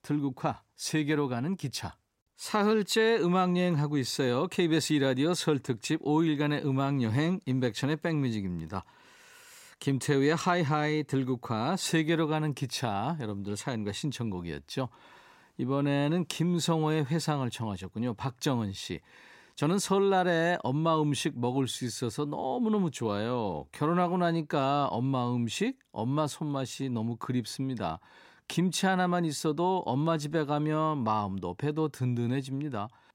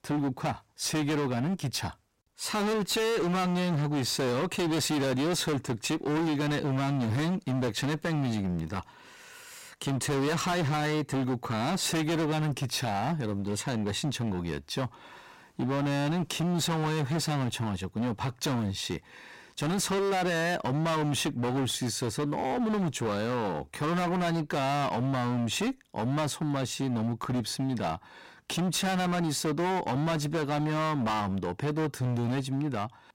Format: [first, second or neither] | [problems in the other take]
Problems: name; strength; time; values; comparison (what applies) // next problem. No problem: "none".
first | distortion; heavy; 31% of the sound clipped